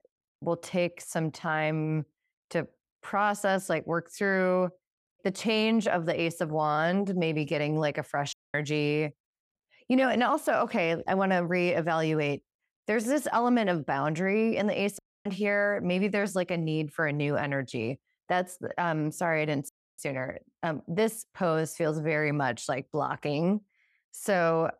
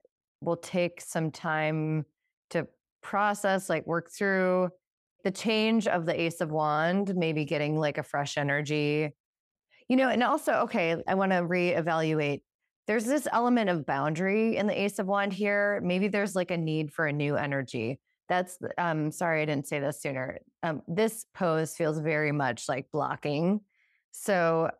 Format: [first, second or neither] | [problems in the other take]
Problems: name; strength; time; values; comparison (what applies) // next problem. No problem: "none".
second | audio cutting out; at 8.5 s, at 15 s and at 20 s